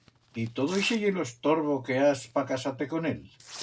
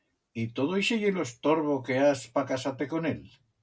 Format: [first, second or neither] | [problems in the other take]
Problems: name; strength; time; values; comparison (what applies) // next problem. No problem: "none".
second | background sound (Tearing); 19 dB below the speech